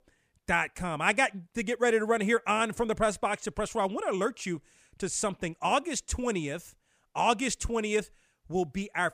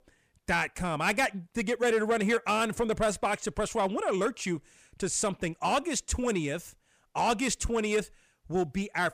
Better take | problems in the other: first | distortion; slight; 10 dB below the speech

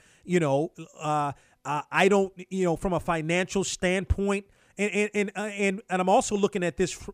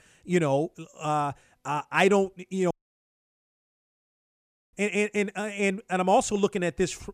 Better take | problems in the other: first | audio cutting out; at 2.5 s for 2 s

